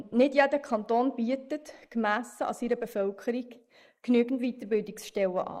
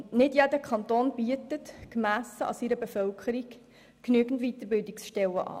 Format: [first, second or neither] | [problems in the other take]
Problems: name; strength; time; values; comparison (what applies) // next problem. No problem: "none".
second | noise reduction (neural mask model Resemble Enhance denoiser)